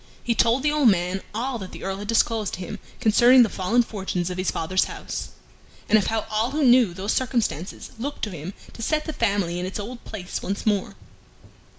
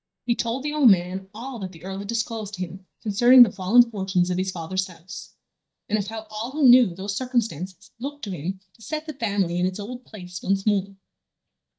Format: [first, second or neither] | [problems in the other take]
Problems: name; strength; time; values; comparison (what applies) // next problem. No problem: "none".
first | noise reduction (neural mask model DeepFilterNet 3)